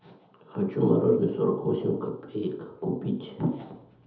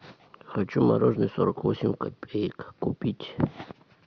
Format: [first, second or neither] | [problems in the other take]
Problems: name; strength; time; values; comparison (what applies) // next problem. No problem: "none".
second | room echo; dies away in 0.7 s